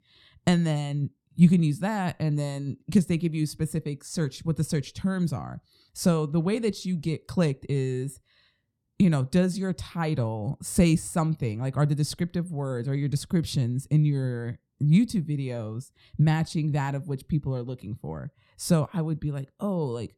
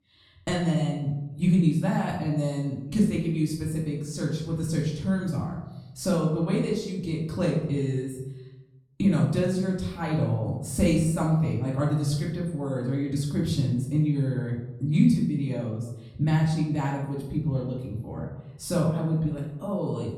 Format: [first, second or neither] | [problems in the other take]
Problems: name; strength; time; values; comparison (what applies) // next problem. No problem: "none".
first | off-mic speech; far // room echo; noticeable; dies away in 0.7 s